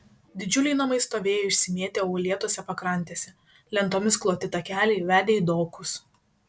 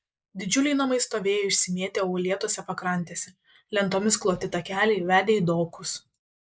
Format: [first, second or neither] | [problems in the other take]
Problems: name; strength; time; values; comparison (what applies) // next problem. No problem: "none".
first | noise reduction (neural mask model Resemble Enhance denoiser)